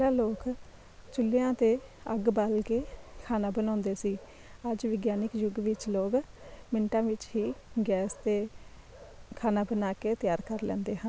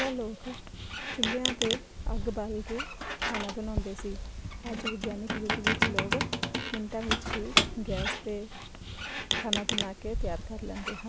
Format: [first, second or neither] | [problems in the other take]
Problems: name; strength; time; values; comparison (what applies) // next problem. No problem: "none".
first | background sound (Squeak); 4 dB above the speech